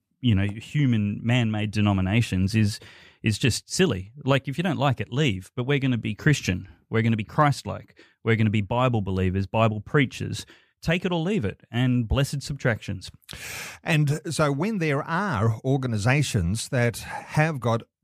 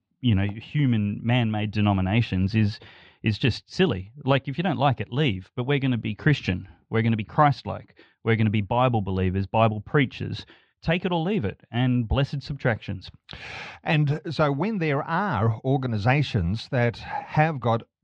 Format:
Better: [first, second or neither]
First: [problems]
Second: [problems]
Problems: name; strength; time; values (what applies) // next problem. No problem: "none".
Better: first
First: none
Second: muffled; slightly; fading above 4 kHz